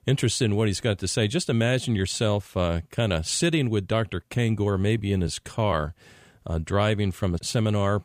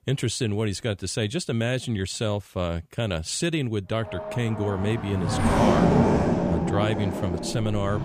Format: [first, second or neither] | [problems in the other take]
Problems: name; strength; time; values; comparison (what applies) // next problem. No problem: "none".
first | traffic noise; very loud; from 4 s on; 3 dB above the speech